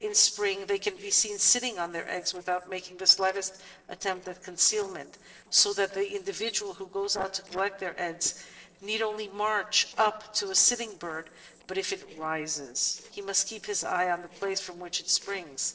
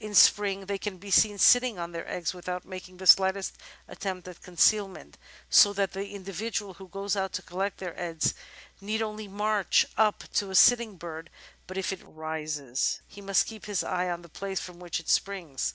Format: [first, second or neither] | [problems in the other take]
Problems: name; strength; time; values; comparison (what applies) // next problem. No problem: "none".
second | noise reduction (neural separator model SepFormer DNS4)